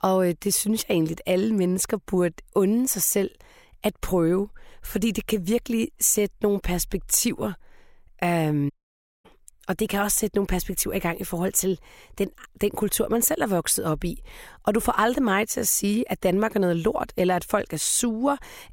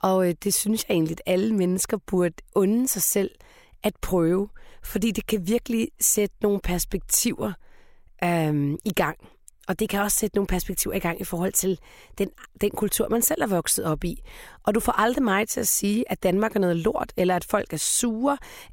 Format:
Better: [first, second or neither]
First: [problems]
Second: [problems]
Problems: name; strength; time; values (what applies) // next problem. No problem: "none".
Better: second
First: audio cutting out; at 8.5 s for 0.5 s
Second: none